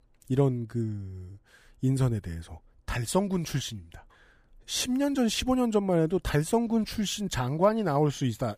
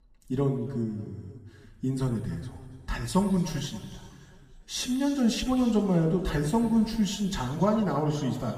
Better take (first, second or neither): first